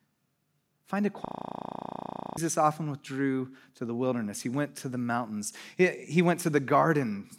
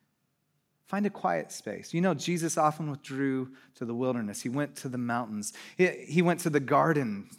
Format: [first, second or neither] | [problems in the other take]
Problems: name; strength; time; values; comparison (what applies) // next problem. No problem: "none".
second | audio freezing; at 1.5 s for 1 s